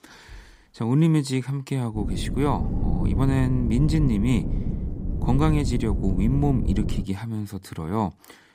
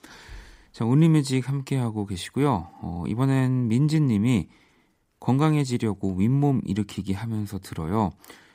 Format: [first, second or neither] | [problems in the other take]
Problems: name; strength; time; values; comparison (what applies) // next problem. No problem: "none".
second | wind noise on the microphone; heavy; from 2 to 7 s; 8 dB below the speech